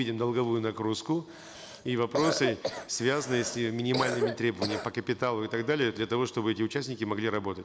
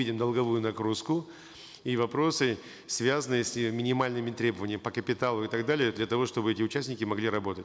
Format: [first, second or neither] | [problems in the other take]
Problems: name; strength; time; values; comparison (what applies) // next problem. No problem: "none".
second | background sound (Cough); 6 dB below the speech